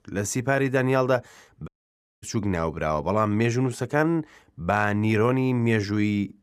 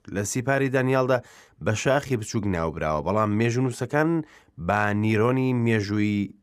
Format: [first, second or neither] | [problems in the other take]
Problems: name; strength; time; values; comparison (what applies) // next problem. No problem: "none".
second | audio cutting out; at 1.5 s for 0.5 s